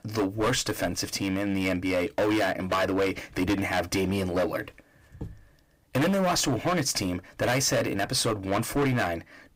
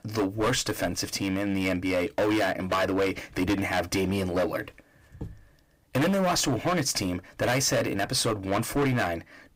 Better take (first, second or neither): neither